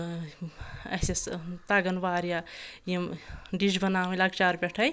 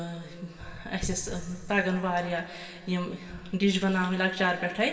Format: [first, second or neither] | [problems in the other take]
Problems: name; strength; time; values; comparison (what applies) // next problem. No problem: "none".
first | room echo; dies away in 2.3 s